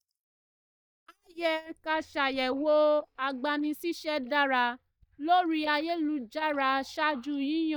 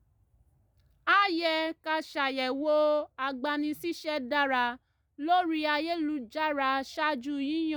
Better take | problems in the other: second | noise reduction (neural mask model DeepFilterNet 3)

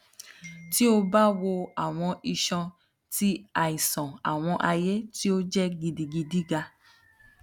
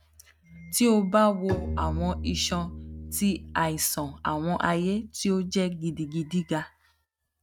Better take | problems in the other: first | noise reduction (neural mask model RNNoise)

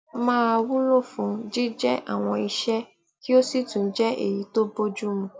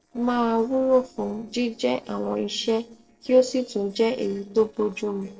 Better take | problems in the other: first | noise reduction (neural separator model SepFormer DNS4)

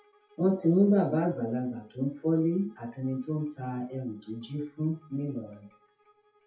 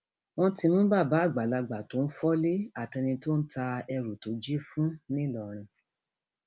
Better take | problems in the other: second | noise reduction (classical method WPE with log-MMSE)

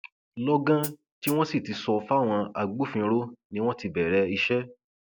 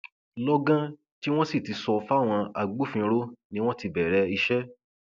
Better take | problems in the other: second | background sound (Hi-hat); 10 dB below the speech

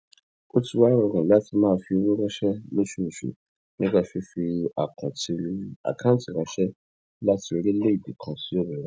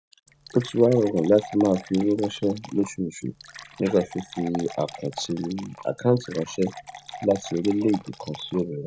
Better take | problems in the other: first | background sound (Fill (with liquid) / Water); 16 dB below the speech

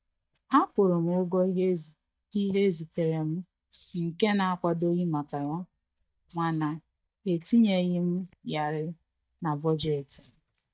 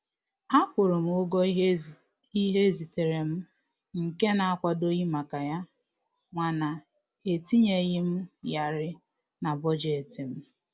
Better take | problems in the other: second | noise reduction (neural mask model DeepFilterNet 3)

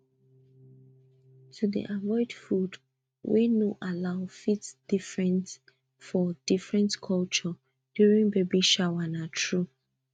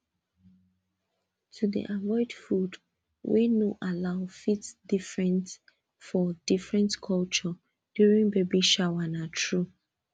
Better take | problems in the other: second | noise reduction (neural mask model RNNoise)

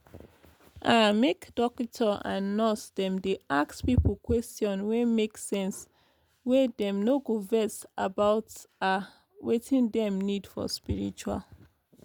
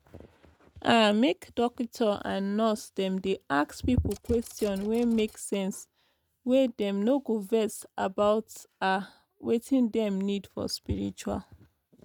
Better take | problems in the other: first | noise reduction (neural mask model RNNoise)

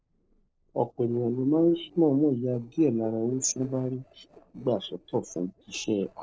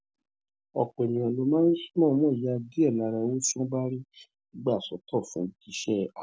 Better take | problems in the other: second | noise reduction (neural separator model SepFormer DNS4)

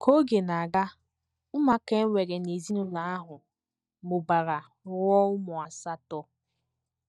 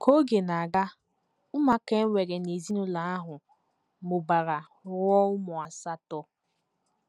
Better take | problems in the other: second | noise reduction (neural mask model DeepFilterNet 3)

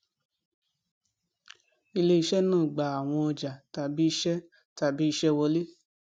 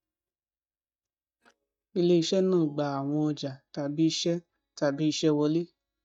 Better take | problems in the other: first | noise reduction (neural mask model DeepFilterNet 3)

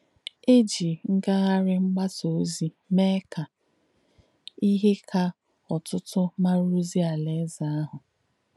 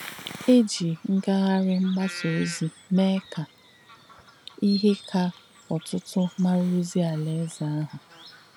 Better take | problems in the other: first | background sound (Bird vocalization, bird call, bird song); 18 dB below the speech

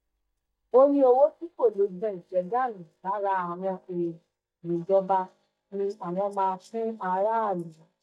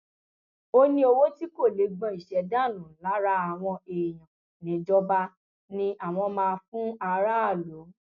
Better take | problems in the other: second | noise reduction (neural mask model DeepFilterNet 3)

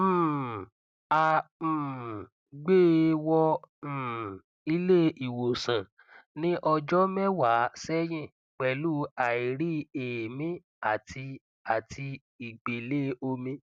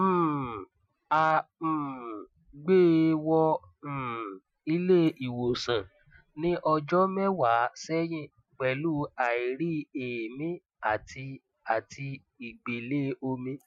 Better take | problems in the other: first | noise reduction (classical method Wiener filter)

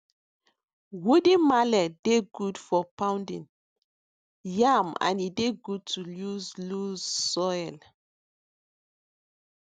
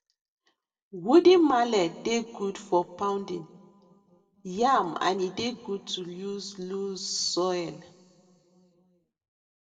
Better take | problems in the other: first | room echo; dies away in 1.1 s

